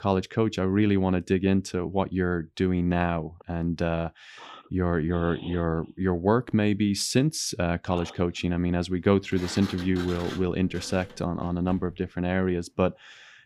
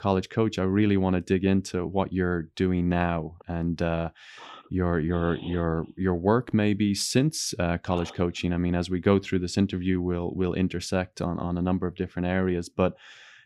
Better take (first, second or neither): second